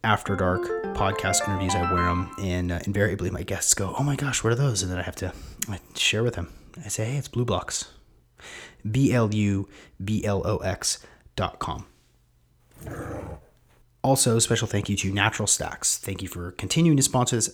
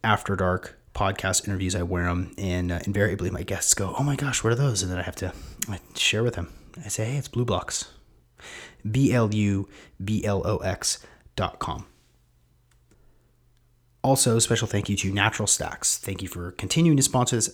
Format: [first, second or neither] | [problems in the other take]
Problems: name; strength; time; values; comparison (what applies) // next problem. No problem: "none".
second | phone ringing; noticeable; until 2.5 s; peak 1 dB below the speech // dog barking; faint; at 13 s; peak 10 dB below the speech